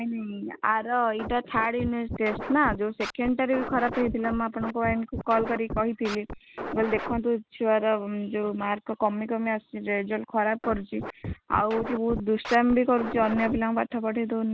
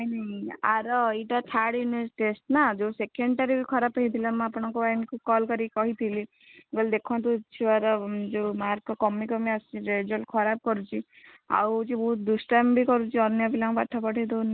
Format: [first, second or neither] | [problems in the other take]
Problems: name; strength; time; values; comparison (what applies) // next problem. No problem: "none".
second | background sound (Scratching (performance technique)); 9 dB below the speech